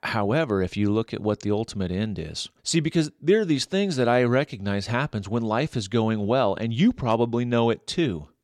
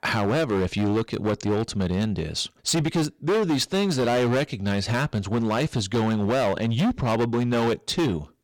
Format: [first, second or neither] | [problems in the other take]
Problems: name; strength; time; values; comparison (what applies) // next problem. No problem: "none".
first | distortion; heavy; 19% of the sound clipped